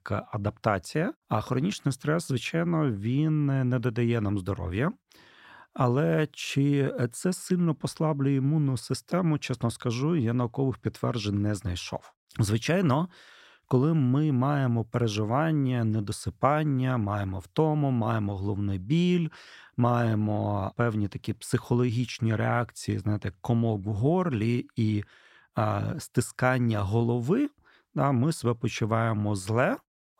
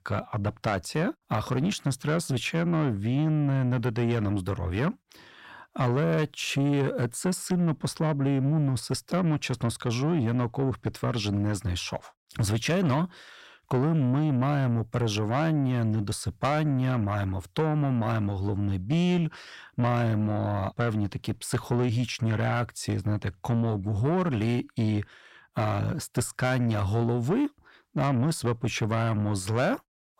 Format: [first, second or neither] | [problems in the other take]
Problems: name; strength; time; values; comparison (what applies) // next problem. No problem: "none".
first | distortion; slight; 10 dB below the speech